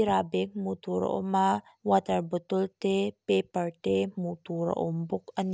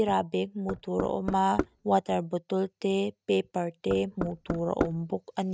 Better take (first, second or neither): first